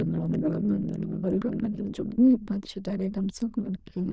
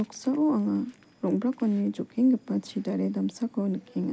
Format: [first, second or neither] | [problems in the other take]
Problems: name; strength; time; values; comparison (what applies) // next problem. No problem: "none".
second | noise reduction (neural diffusion model UNIVERSE++)